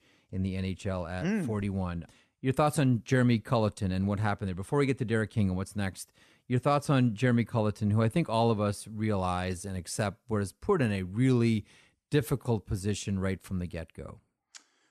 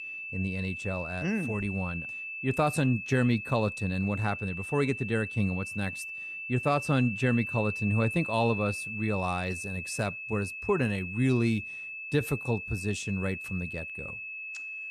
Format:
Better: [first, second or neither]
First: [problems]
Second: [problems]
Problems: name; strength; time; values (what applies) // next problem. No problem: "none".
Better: first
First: none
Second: high-pitched whine; loud; throughout; 2.5 kHz, 6 dB below the speech